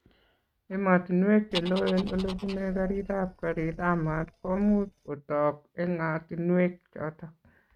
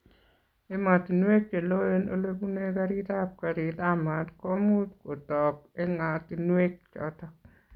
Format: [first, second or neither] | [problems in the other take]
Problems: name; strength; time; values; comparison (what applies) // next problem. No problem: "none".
second | noise reduction (neural mask model RNNoise)